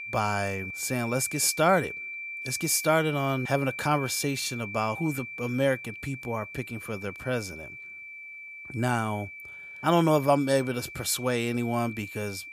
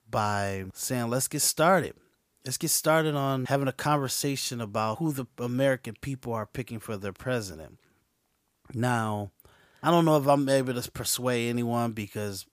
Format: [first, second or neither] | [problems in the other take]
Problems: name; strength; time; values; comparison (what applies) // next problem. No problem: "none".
second | high-pitched whine; loud; throughout; 2.5 kHz, 10 dB below the speech